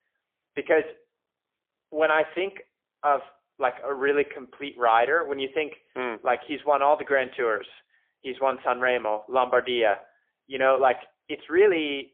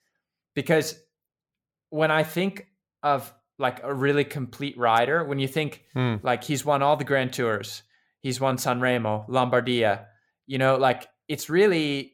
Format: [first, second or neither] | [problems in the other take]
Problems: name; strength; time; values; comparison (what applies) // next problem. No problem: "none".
second | phone-call audio; poor line; nothing above 3.5 kHz